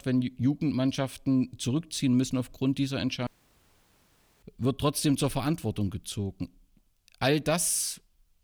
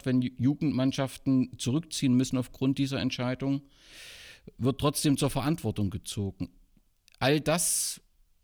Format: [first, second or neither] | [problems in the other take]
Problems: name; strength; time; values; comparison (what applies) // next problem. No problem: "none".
second | audio cutting out; at 3.5 s for 1 s